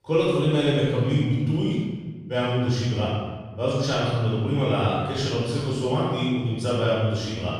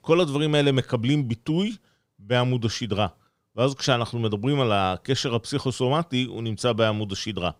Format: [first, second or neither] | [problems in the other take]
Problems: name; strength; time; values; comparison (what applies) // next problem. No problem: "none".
second | off-mic speech; far // room echo; strong; dies away in 1.4 s